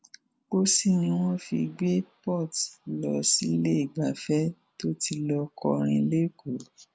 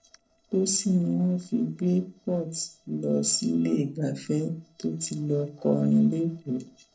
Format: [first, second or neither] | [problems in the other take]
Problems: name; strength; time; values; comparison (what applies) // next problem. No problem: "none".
first | noise reduction (neural separator model SepFormer DNS4)